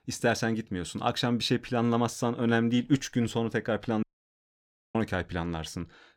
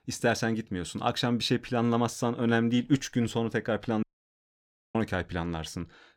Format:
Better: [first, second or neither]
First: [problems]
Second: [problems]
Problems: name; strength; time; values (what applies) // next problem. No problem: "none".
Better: neither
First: audio cutting out; at 4 s for 1 s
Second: audio cutting out; at 4 s for 1 s